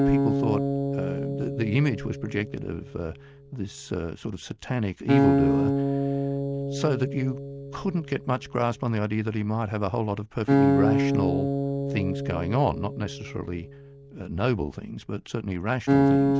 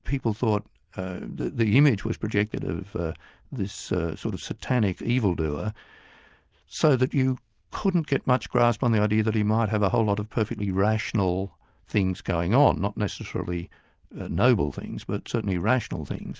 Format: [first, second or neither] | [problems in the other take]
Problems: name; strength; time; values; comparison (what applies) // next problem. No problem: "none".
second | background sound (Acoustic guitar); 2 dB above the speech